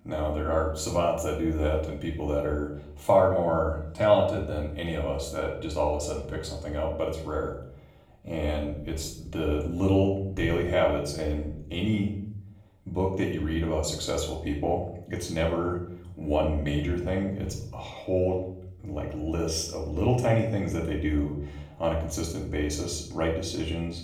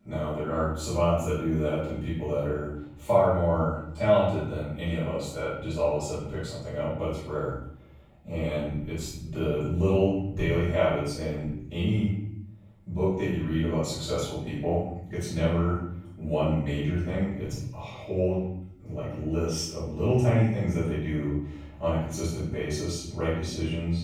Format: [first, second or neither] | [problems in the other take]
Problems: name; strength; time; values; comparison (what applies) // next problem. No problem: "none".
first | room echo; strong; dies away in 0.8 s; slight in the first // off-mic speech; far; far in the first